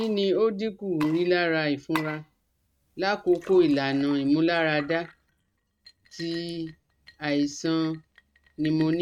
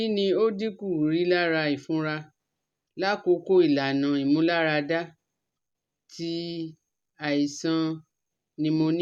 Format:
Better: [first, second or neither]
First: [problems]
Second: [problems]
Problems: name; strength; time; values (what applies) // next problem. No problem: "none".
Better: second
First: noise reduction (neural mask model RNNoise)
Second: none